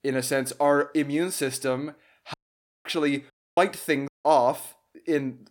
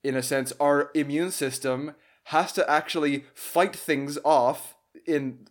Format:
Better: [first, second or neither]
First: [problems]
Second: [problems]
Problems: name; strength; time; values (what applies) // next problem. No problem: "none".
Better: second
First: audio cutting out; at 2.5 s for 0.5 s, at 3.5 s and at 4 s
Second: none